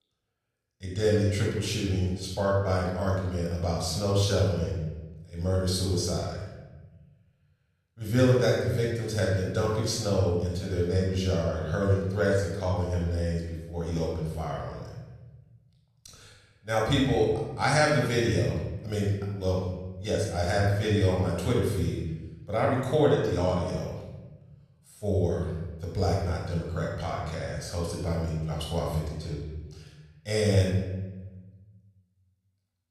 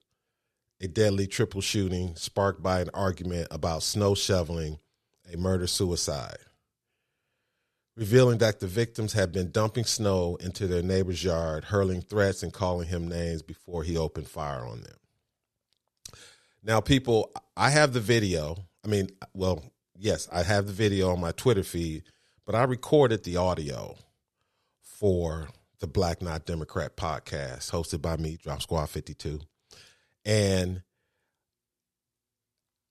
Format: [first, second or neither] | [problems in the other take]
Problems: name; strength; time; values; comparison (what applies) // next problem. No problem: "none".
second | off-mic speech; far // room echo; noticeable; dies away in 1.1 s